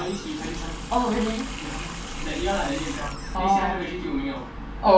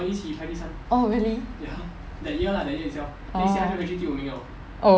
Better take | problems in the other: second | background sound (Water tap, faucet); 13 dB below the speech // room echo; dies away in 0.2 s

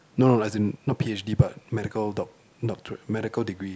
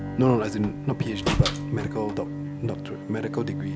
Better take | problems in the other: first | background sound (Bowed string instrument + Slam); 4 dB below the speech

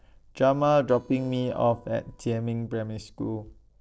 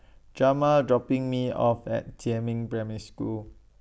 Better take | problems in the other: second | noise reduction (neural separator model SepFormer DNS4)

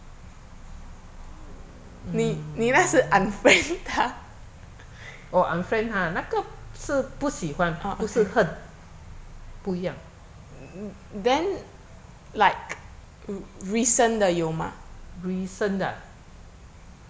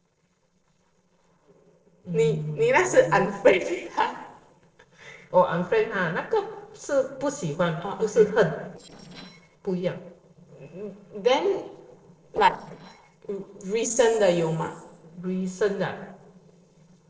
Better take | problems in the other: first | noise reduction (neural separator model SepFormer DNS4)

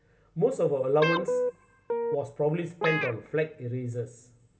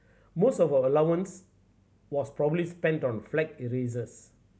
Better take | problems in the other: second | background sound (Guitar); 2 dB below the speech // room echo; dies away in 0.3 s

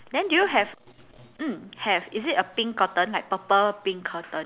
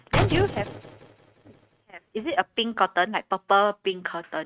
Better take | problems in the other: first | noise reduction (neural mask model RNNoise)

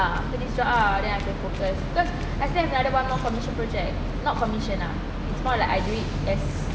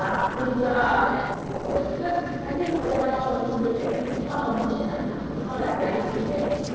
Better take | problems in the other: first | noise reduction (neural separator model SepFormer DNS4)

